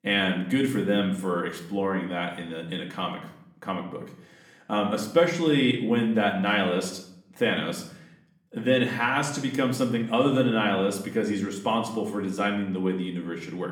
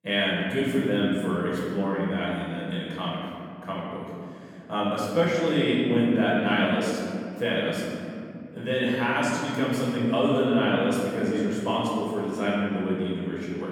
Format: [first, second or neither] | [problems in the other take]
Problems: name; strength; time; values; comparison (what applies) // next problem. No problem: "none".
first | room echo; strong; dies away in 2.6 s; slight in the first // off-mic speech; far; somewhat distant in the first